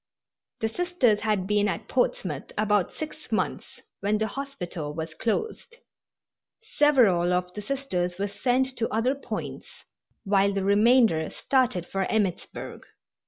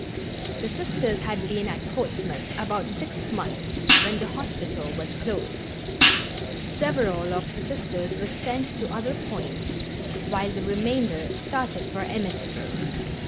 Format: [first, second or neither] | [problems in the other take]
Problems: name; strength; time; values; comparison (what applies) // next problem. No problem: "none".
first | background sound (Hi-hat + Cricket); 2 dB above the speech